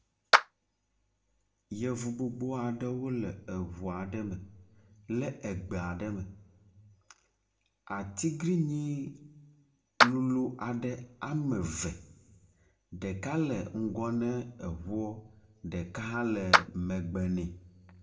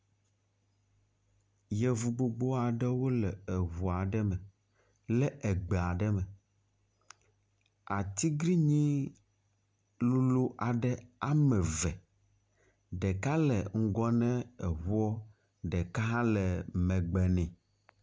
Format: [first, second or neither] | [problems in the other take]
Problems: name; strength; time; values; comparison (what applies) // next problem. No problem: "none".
second | background sound (Clapping); 4 dB above the speech // room echo; dies away in 0.7 s